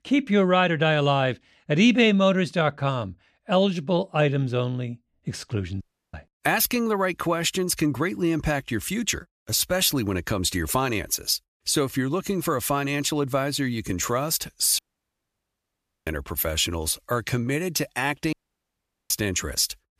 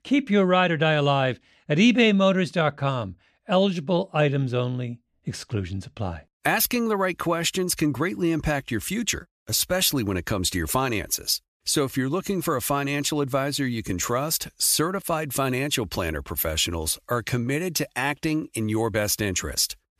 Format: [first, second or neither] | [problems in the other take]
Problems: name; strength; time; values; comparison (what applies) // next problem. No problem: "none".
second | audio cutting out; at 6 s, at 15 s for 1.5 s and at 18 s for 1 s